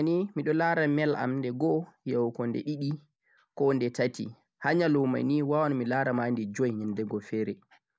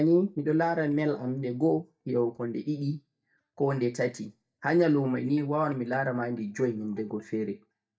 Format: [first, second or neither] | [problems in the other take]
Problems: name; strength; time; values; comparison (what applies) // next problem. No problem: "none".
first | noise reduction (neural mask model DeepFilterNet 3)